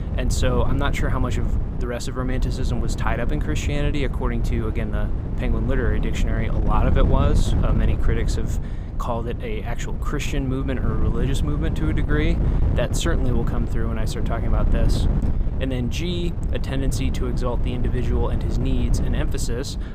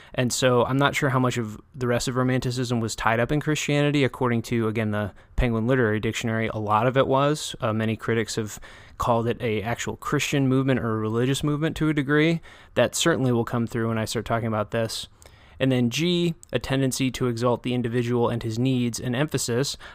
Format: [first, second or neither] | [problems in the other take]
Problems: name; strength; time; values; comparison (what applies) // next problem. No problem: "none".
second | wind noise on the microphone; heavy; 6 dB below the speech